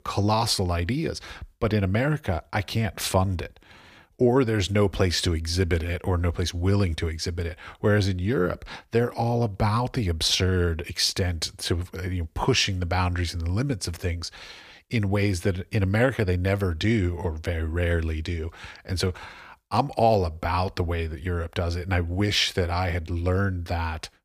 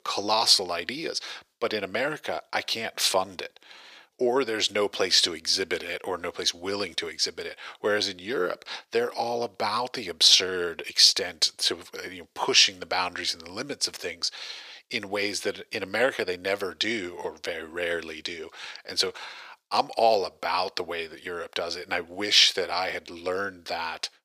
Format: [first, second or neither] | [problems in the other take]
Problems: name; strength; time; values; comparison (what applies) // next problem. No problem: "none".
first | thin; very; fading below 450 Hz